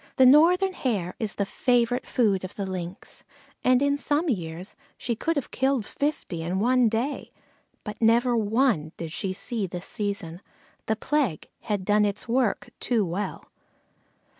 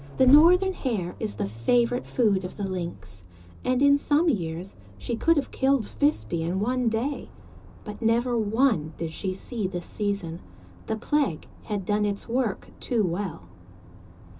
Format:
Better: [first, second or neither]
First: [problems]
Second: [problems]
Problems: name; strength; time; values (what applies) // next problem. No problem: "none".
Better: first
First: none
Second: background sound (Accelerating, revving, vroom); 13 dB below the speech // room echo; dies away in 0.2 s